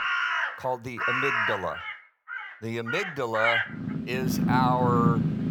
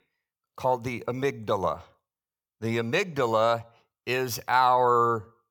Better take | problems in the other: second | animal sounds; very loud; throughout; 3 dB above the speech

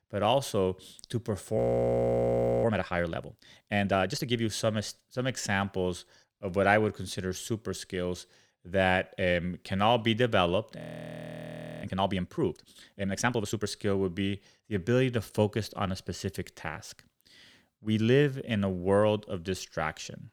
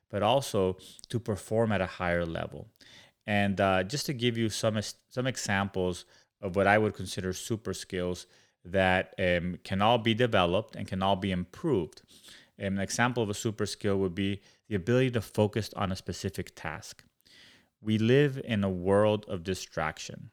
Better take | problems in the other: second | audio freezing; at 1.5 s for 1 s and at 11 s for 1 s

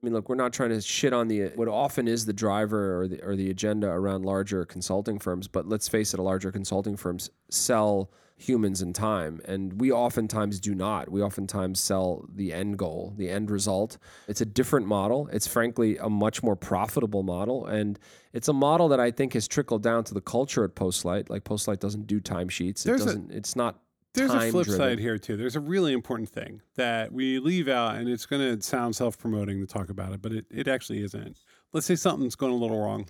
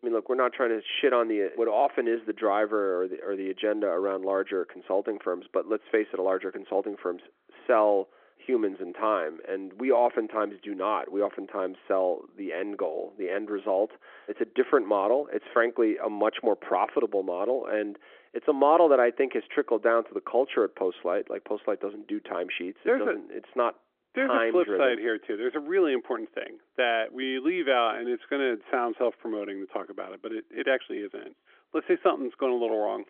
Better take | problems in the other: first | phone-call audio; nothing above 3.5 kHz

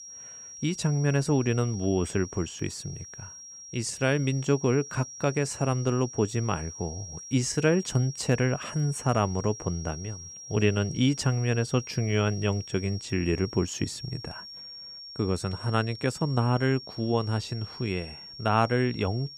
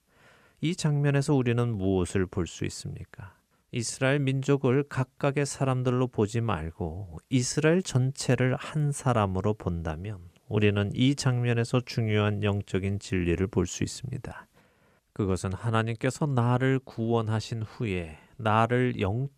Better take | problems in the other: second | high-pitched whine; noticeable; throughout; 5.5 kHz, 15 dB below the speech

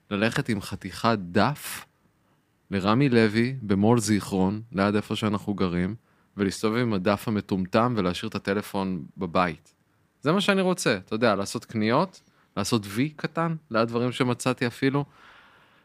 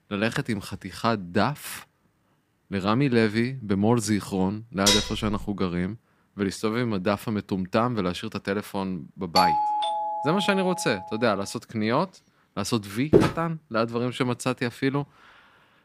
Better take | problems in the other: first | clattering dishes; loud; at 5 s; peak 5 dB above the speech // doorbell; loud; from 9.5 to 11 s; peak 5 dB above the speech // footsteps; loud; at 13 s; peak 6 dB above the speech

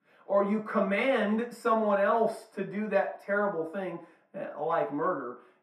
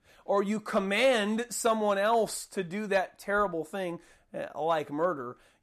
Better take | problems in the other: second | room echo; slight; dies away in 0.5 s // off-mic speech; far

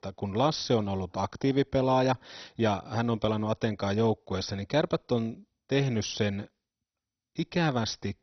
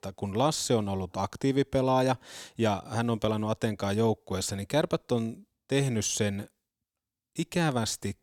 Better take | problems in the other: second | garbled, watery; badly; nothing above 6 kHz

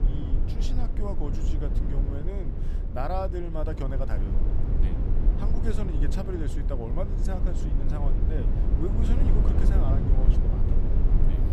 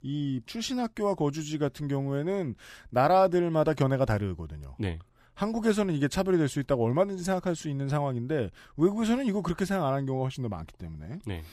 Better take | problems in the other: second | low rumble; loud; throughout; 3 dB below the speech

